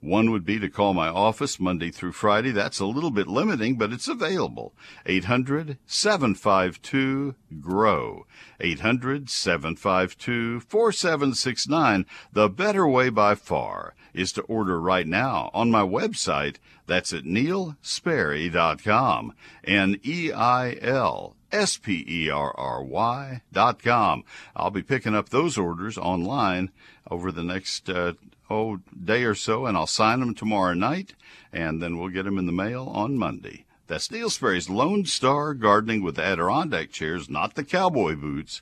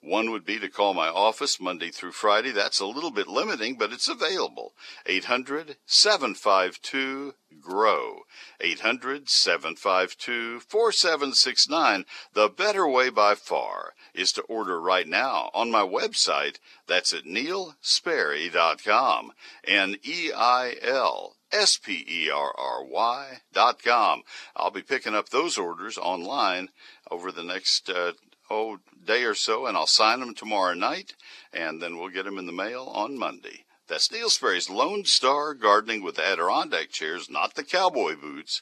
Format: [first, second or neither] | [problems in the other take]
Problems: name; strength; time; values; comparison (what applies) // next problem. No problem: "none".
first | thin; somewhat; fading below 400 Hz